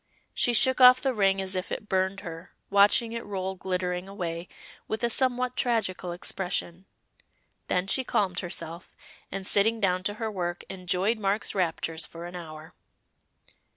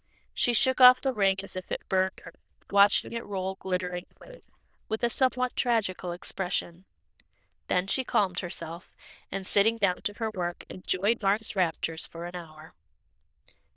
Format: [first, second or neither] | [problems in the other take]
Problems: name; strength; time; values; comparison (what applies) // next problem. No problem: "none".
first | noise reduction (neural diffusion model UNIVERSE++)